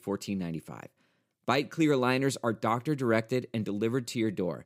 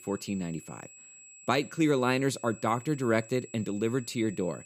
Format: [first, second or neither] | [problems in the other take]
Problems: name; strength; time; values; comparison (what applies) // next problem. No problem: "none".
first | high-pitched whine; noticeable; throughout; 7.5 kHz, 20 dB below the speech